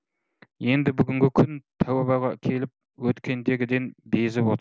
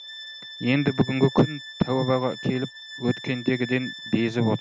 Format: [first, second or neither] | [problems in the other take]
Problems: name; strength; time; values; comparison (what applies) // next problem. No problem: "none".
first | background sound (Bowed string instrument); 14 dB below the speech